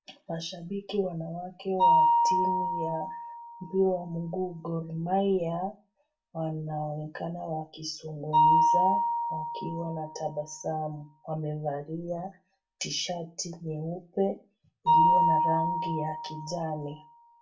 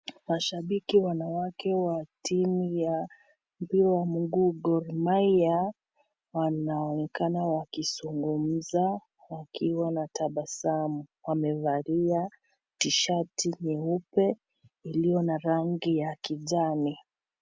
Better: second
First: background sound (Mallet percussion); 3 dB above the speech // room echo; dies away in 0.2 s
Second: none

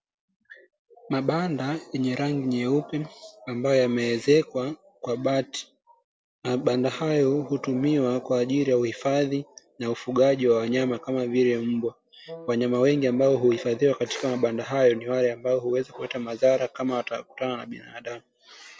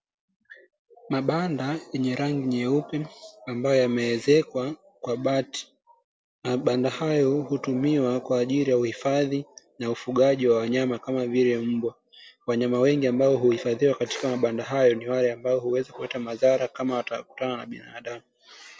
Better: second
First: background sound (Wind instrument, woodwind instrument); 19 dB below the speech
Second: none

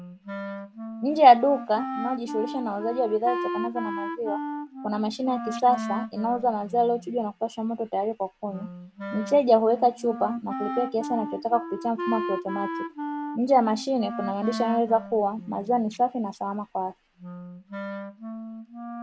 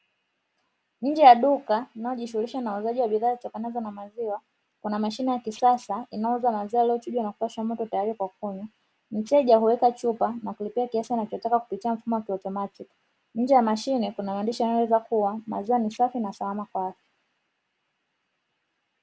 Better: second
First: background sound (Wind instrument, woodwind instrument); 9 dB below the speech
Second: none

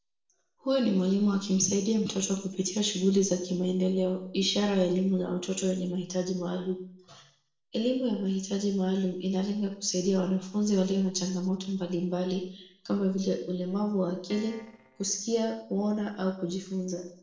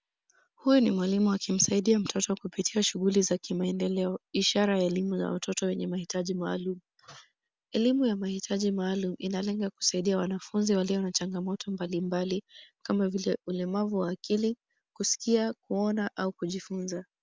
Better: second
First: noise reduction (neural separator model SepFormer DNS4)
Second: none

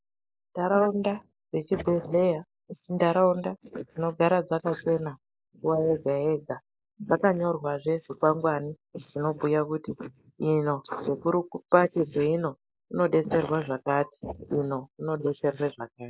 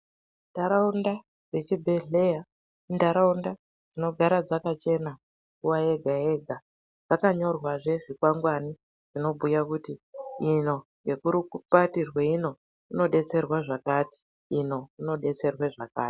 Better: second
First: noise reduction (neural mask model Resemble Enhance denoiser)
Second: none

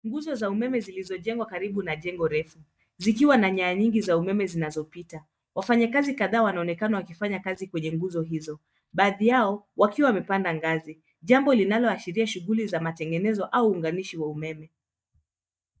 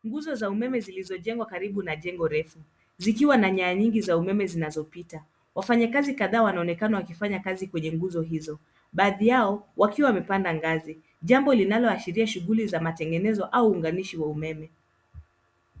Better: second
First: noise reduction (neural mask model DeepFilterNet 3)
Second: none

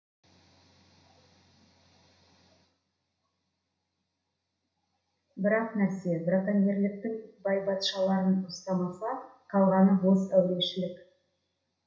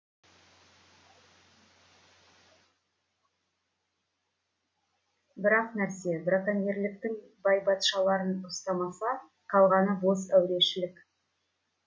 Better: second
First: room echo; dies away in 0.5 s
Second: none

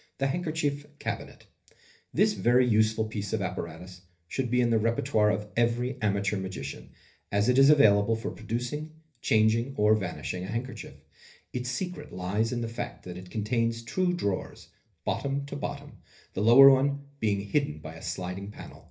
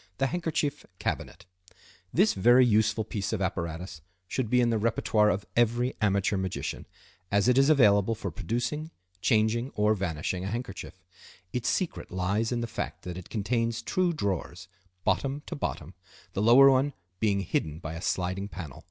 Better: second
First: room echo; dies away in 0.3 s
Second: none

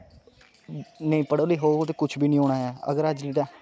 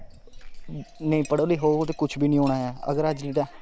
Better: first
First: none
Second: background sound (Chink, clink); 14 dB below the speech

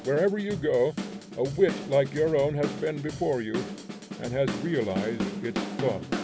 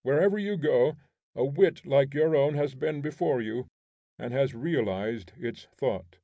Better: second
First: background sound (Drum / Drum kit); 7 dB below the speech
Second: none

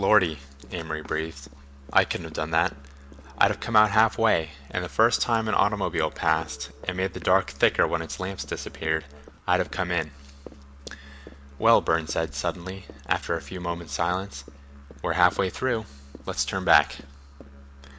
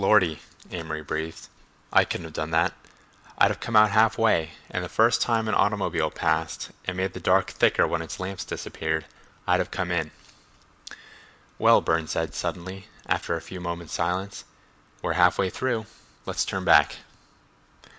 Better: second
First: background sound (Run + Musical instrument); 18 dB below the speech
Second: none

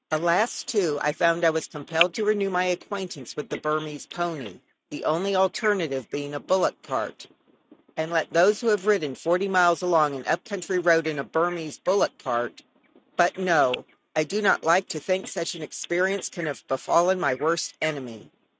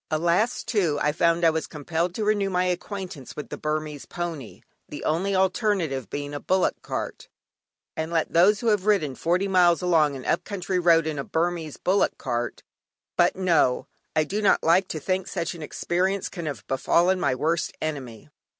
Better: second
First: noise reduction (neural mask model RNNoise)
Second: none

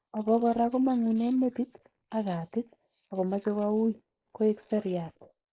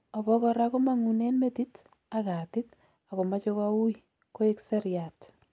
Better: second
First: noise reduction (neural mask model Resemble Enhance denoiser)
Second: none

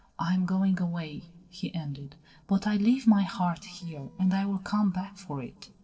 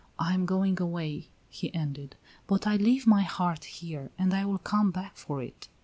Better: second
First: noise reduction (neural separator model SepFormer DNS4)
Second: none

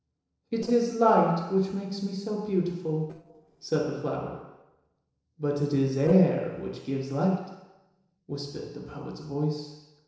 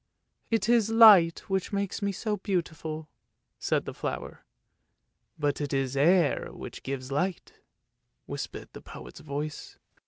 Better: second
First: noise reduction (neural separator model SepFormer DNS4)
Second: none

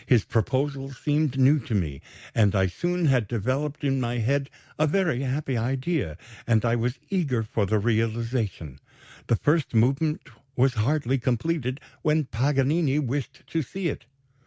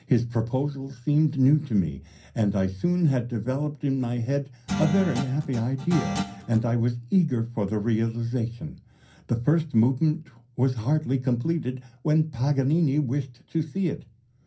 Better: first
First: none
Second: background sound (Guitar); 7 dB below the speech // room echo; dies away in 0.3 s

